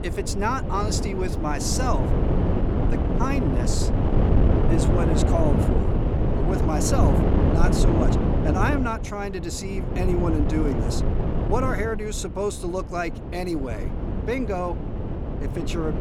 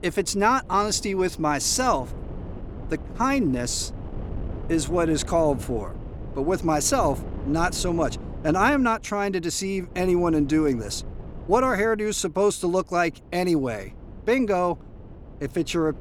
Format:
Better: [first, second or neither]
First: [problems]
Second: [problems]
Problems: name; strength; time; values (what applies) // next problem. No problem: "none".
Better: second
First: wind noise on the microphone; heavy; 2 dB below the speech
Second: wind noise on the microphone; occasional gusts; 20 dB below the speech